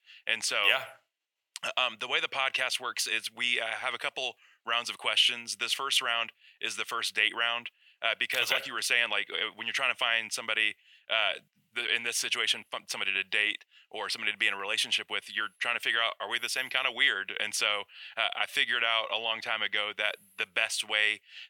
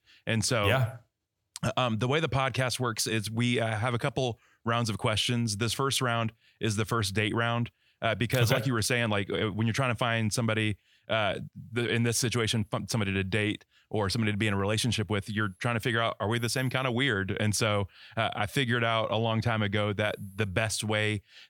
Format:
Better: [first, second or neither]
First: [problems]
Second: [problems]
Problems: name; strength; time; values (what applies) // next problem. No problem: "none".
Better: second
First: thin; very; fading below 700 Hz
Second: none